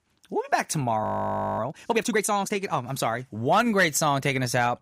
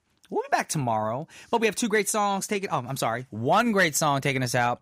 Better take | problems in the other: second | audio freezing; at 1 s for 0.5 s

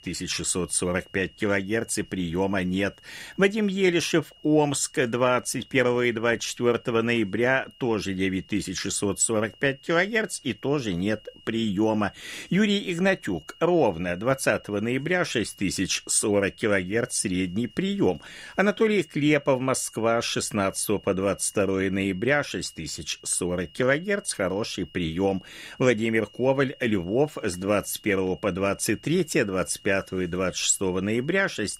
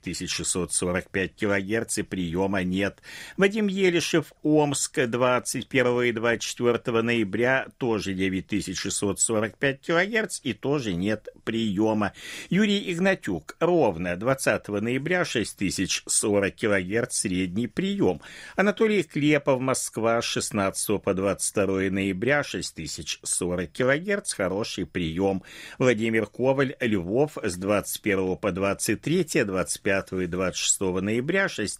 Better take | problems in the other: second | high-pitched whine; faint; throughout; 3 kHz, 25 dB below the speech

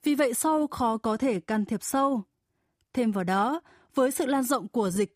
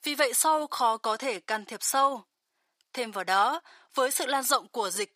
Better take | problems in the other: first | thin; very; fading below 750 Hz

